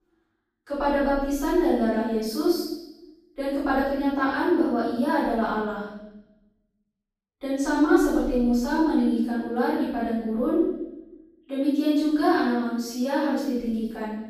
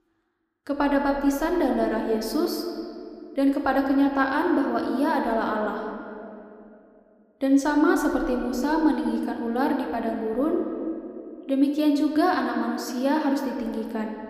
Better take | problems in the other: second | room echo; strong; dies away in 1 s; slight in the second // off-mic speech; far

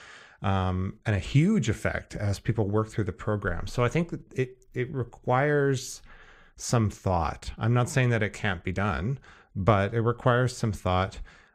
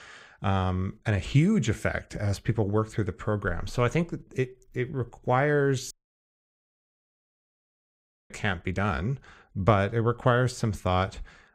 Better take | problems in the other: first | audio cutting out; at 6 s for 2.5 s

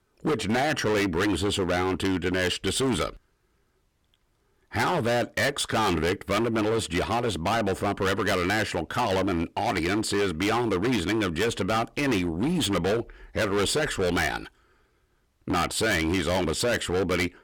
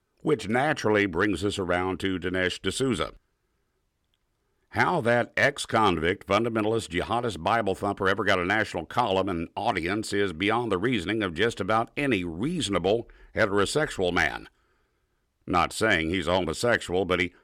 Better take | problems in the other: second | distortion; heavy; 20% of the sound clipped

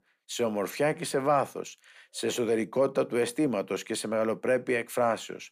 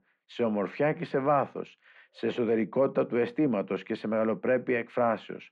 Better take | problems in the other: first | muffled; very; fading above 2.5 kHz

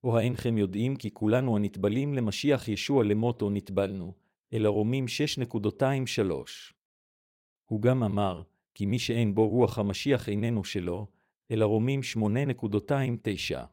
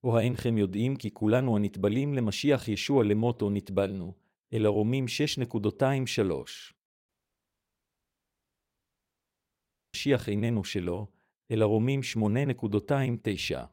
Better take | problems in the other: first | audio cutting out; at 7 s for 3 s

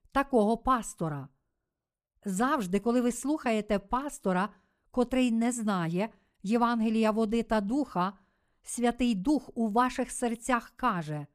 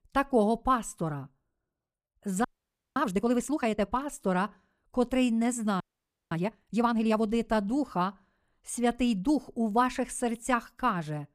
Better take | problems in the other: first | audio freezing; at 2.5 s for 0.5 s and at 6 s for 0.5 s

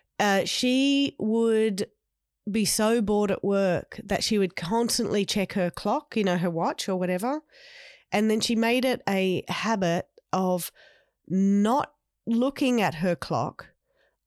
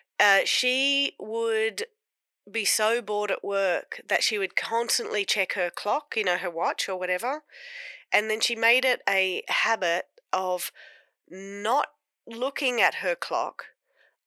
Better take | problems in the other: first | thin; very; fading below 450 Hz

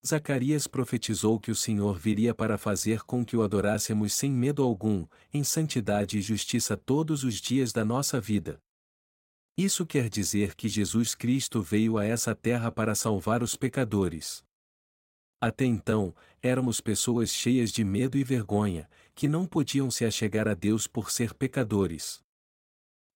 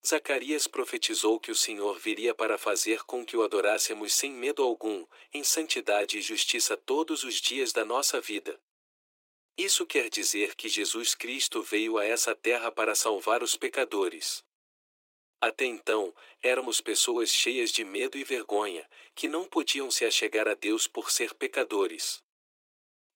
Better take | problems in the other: first | thin; very; fading below 350 Hz

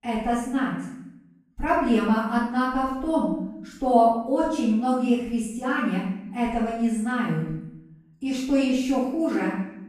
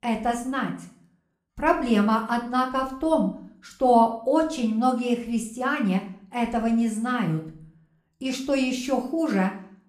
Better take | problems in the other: second | room echo; strong; dies away in 0.7 s; slight in the second // off-mic speech; far

